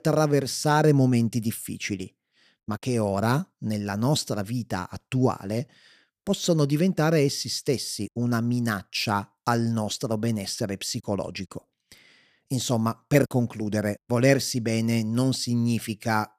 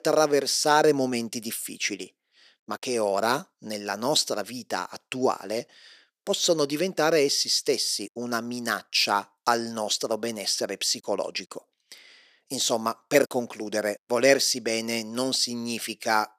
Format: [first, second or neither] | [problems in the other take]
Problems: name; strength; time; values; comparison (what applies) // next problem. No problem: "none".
first | thin; somewhat; fading below 450 Hz